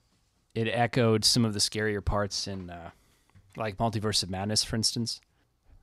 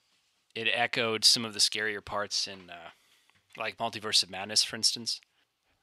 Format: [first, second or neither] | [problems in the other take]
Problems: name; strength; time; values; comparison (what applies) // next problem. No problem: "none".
first | thin; somewhat; fading below 750 Hz